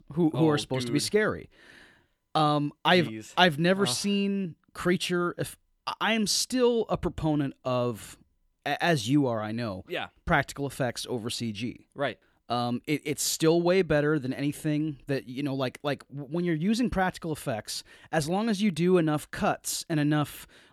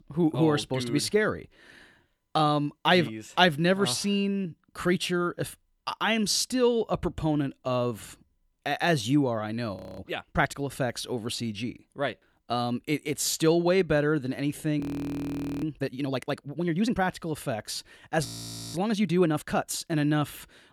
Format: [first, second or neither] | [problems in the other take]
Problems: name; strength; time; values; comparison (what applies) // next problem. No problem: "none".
first | audio freezing; at 10 s, at 15 s for 1 s and at 18 s